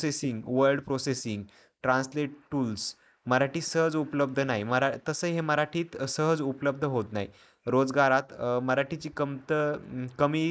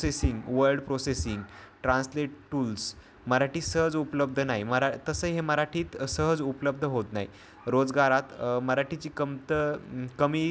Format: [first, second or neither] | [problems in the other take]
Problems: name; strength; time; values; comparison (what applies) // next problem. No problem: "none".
second | noise reduction (neural mask model Resemble Enhance denoiser)